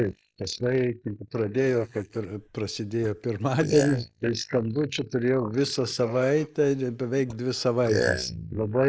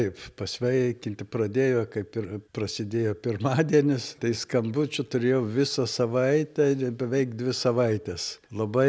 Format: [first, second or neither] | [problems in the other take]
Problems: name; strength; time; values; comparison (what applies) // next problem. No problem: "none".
second | noise reduction (neural mask model Resemble Enhance denoiser)